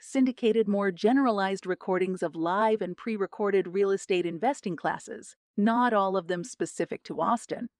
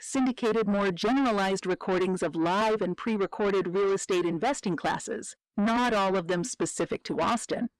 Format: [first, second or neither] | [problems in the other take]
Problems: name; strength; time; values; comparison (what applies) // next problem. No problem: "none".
first | distortion; heavy; 7 dB below the speech